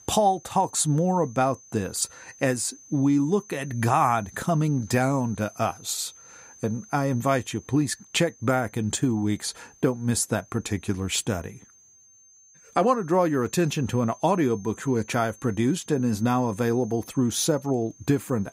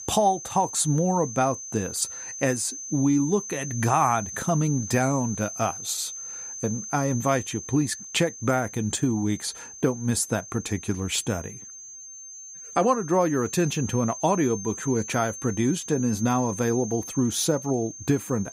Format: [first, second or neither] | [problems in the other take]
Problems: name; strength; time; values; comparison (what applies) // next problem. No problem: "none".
first | high-pitched whine; loud; throughout; 6 kHz, 10 dB below the speech; faint in the first